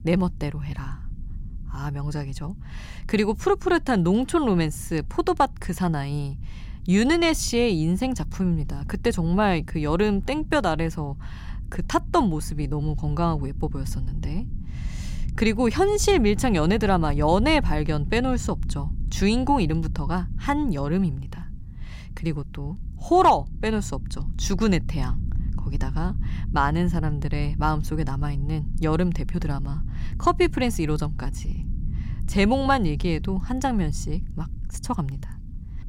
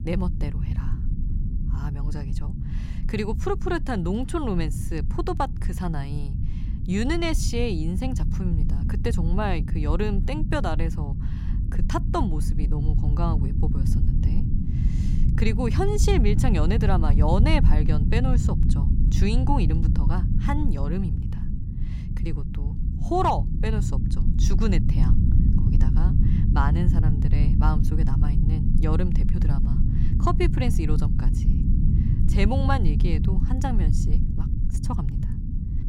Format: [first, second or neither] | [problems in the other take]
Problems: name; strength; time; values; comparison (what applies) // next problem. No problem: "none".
first | low rumble; loud; throughout; 8 dB below the speech; faint in the first